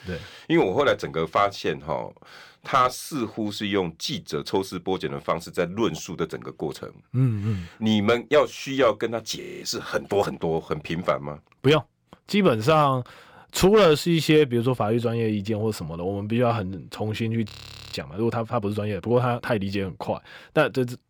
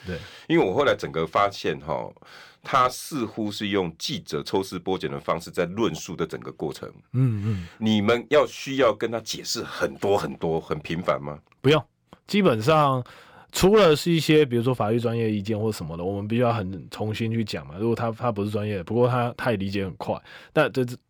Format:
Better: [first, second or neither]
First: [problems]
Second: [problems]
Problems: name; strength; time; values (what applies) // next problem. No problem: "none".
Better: second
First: audio freezing; at 9.5 s and at 17 s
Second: none